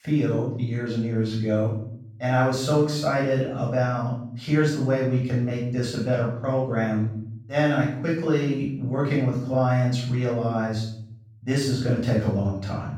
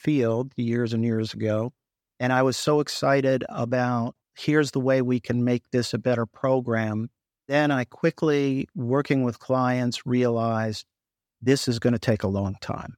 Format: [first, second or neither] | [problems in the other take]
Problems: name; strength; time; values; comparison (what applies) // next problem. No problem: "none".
second | off-mic speech; far // room echo; noticeable; dies away in 0.7 s